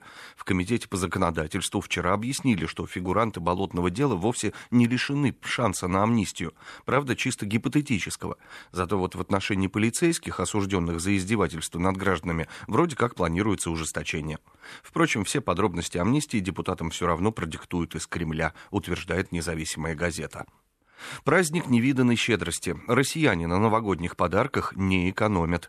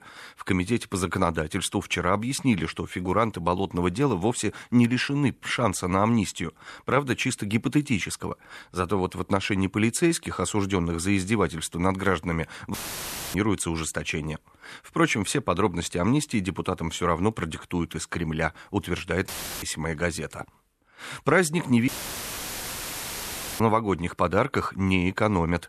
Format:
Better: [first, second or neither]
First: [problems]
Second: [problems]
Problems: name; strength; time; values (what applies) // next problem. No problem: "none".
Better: first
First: none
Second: audio cutting out; filled with static; at 13 s for 0.5 s, at 19 s and at 22 s for 1.5 s